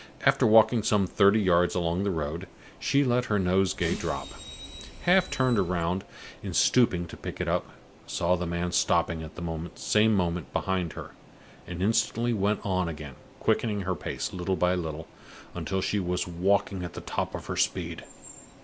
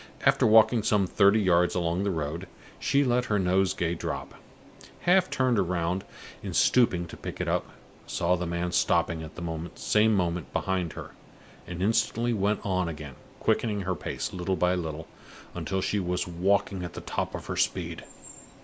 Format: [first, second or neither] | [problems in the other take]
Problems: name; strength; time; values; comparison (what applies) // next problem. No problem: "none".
second | background sound (Bus); 13 dB below the speech